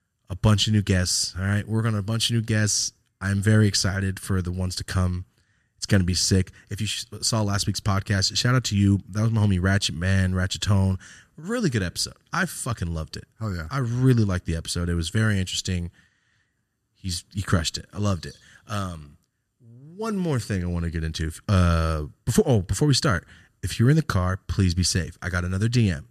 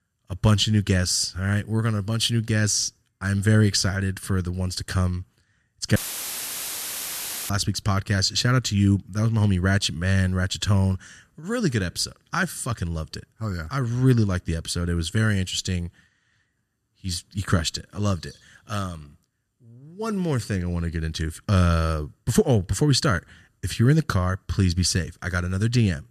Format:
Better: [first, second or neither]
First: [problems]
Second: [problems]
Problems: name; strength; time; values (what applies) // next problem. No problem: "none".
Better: first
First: none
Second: audio cutting out; filled with static; at 6 s for 1.5 s